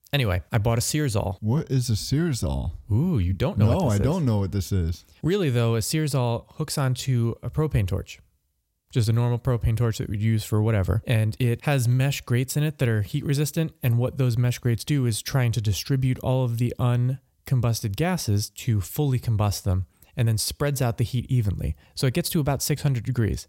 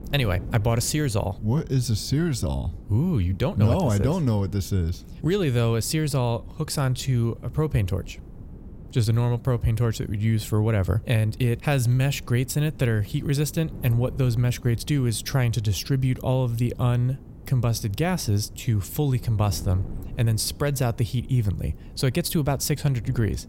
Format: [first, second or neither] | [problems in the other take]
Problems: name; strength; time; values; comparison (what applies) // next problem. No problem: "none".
first | wind noise on the microphone; occasional gusts; 20 dB below the speech